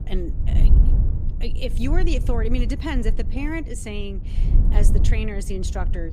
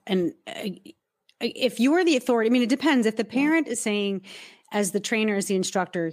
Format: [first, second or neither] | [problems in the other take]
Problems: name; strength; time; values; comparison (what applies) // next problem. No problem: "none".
second | low rumble; loud; throughout; 9 dB below the speech